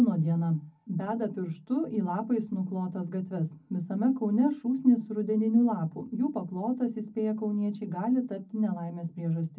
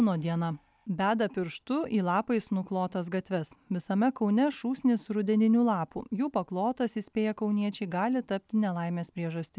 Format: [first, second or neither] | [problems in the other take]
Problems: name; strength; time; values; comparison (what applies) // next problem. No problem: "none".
second | room echo; dies away in 0.4 s